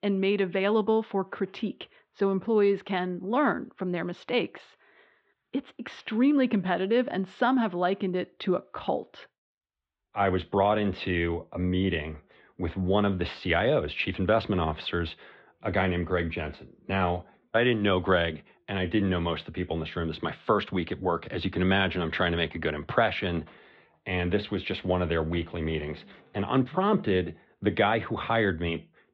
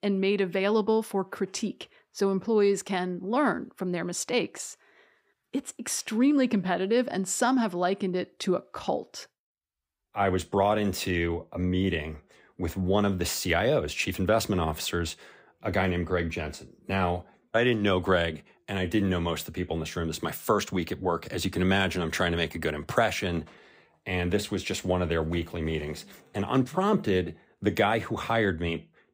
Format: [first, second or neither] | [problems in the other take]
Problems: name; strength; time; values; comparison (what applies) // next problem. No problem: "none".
second | muffled; very; fading above 3.5 kHz